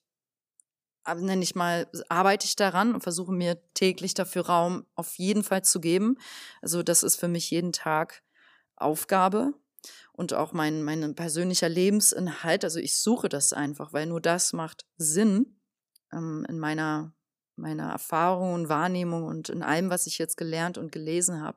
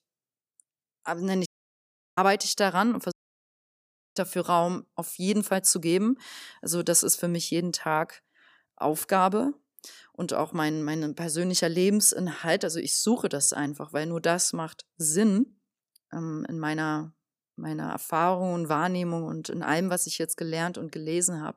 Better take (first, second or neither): first